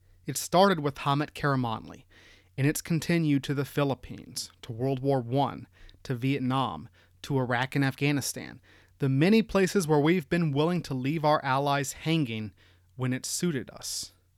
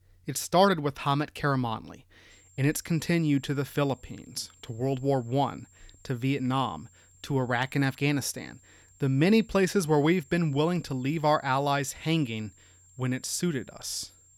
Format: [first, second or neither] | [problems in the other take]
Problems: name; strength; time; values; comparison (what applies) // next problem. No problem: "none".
first | high-pitched whine; faint; from 2.5 s on; 7.5 kHz, 30 dB below the speech